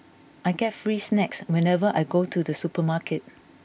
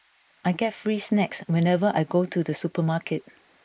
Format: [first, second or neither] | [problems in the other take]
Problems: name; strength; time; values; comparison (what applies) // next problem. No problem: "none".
first | noise reduction (neural mask model Resemble Enhance denoiser)